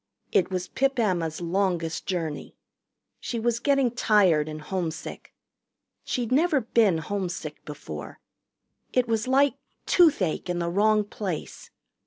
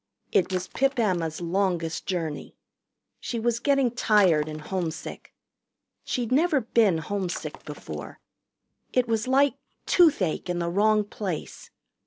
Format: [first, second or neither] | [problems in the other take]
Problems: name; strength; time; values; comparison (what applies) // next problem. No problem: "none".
first | background sound (Shatter); 18 dB below the speech